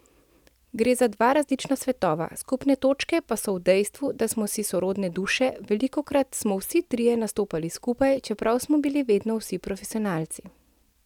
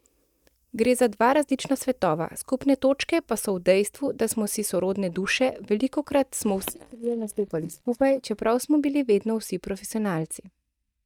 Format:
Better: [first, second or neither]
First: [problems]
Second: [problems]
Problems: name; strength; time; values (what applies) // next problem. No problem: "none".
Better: first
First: none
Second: noise reduction (neural mask model DeepFilterNet 3)